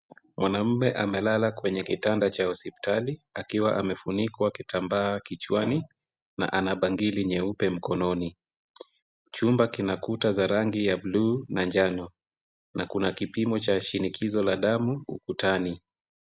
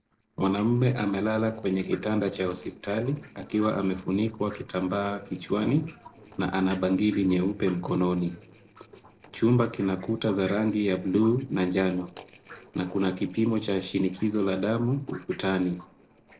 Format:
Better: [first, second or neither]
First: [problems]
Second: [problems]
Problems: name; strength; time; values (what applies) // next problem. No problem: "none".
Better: first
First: none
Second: noise reduction (neural separator model SepFormer DNS4)